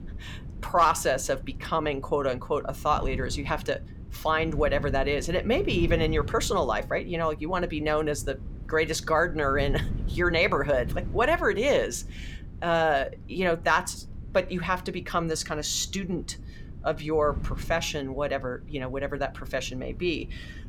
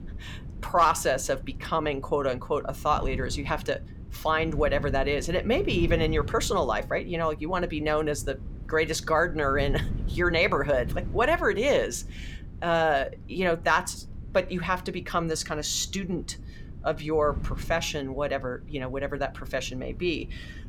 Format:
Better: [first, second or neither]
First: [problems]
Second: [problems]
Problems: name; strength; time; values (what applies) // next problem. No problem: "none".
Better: neither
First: wind noise on the microphone; occasional gusts; 25 dB below the speech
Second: wind noise on the microphone; occasional gusts; 25 dB below the speech